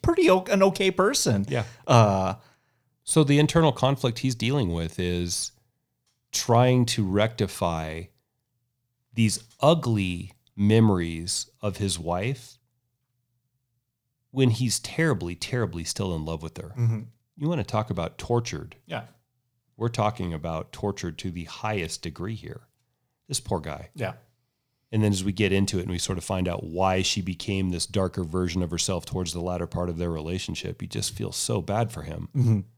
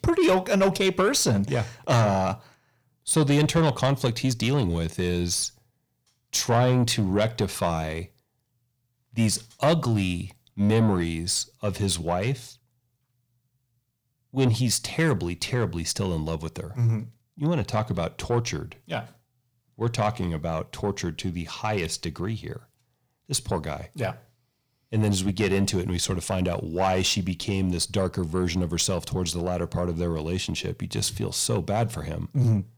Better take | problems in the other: first | distortion; slight; 10 dB below the speech

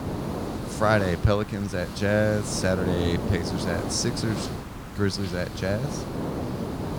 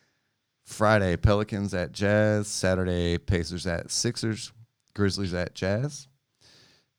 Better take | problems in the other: second | hiss; loud; throughout; 6 dB below the speech

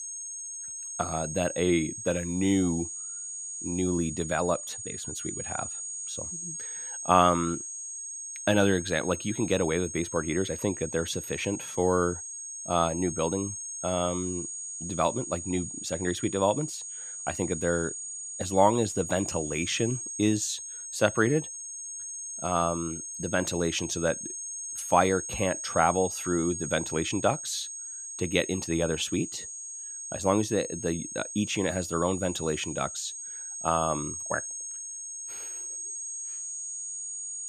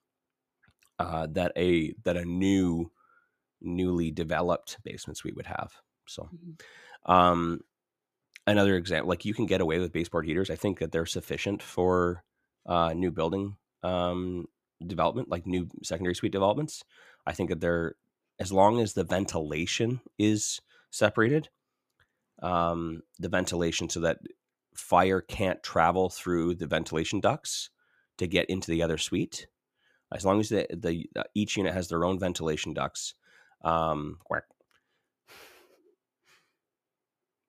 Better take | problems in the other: second | high-pitched whine; loud; throughout; 6.5 kHz, 6 dB below the speech

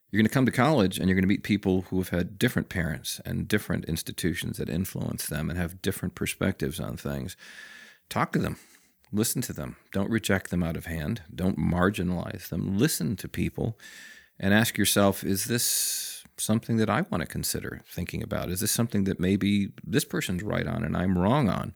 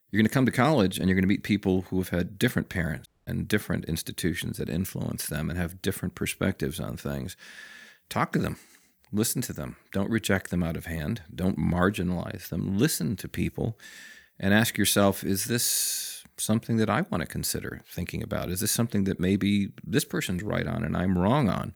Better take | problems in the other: first | audio cutting out; at 3 s

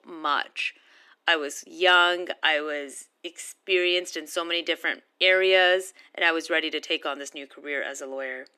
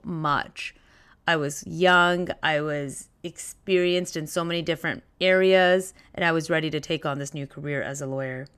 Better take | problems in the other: second | thin; somewhat; fading below 300 Hz

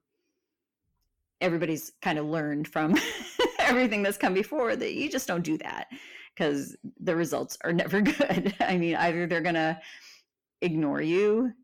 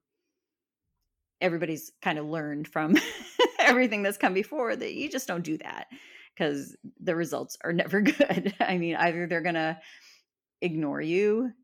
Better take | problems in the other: second | distortion; slight; 10 dB below the speech

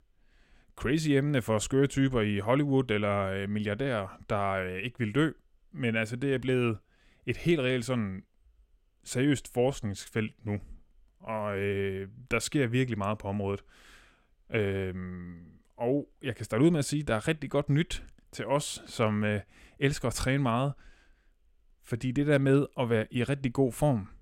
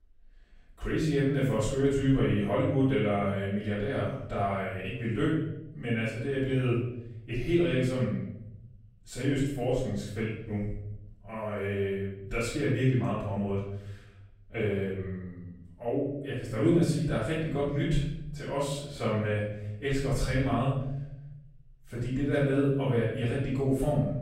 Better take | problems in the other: first | room echo; noticeable; dies away in 1 s // off-mic speech; far

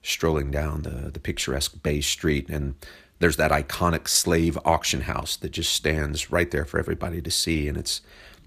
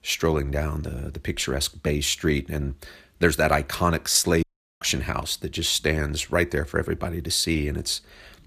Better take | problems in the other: first | audio cutting out; at 4.5 s

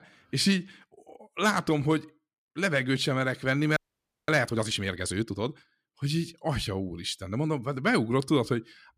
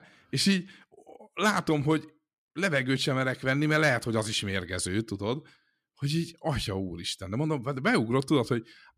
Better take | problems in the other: second | audio freezing; at 4 s for 0.5 s

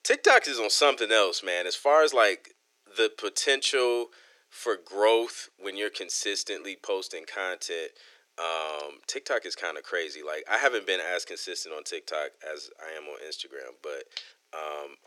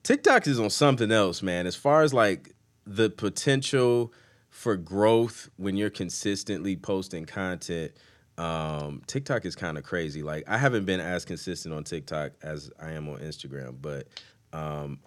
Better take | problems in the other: second | thin; very; fading below 400 Hz

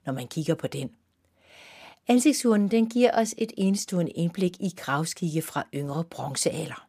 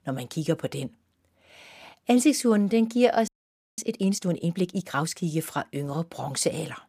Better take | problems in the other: first | audio freezing; at 3.5 s for 0.5 s

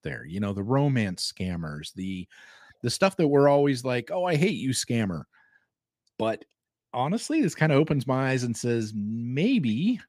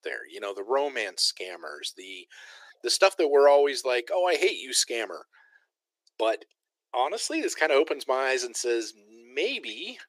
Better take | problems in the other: first | thin; very; fading below 350 Hz

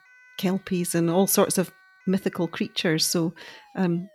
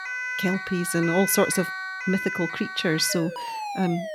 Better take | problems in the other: first | alarms or sirens; loud; throughout; 5 dB below the speech; faint in the first

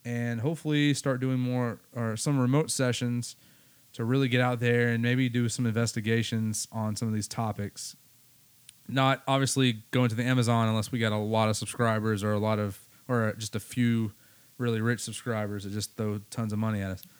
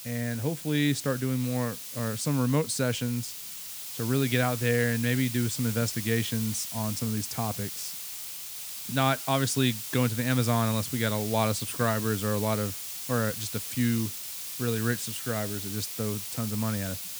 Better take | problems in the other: first | hiss; loud; throughout; 6 dB below the speech; faint in the first

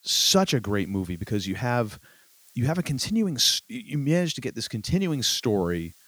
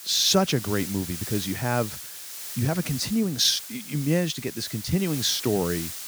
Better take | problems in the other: first | hiss; loud; throughout; 9 dB below the speech; faint in the first

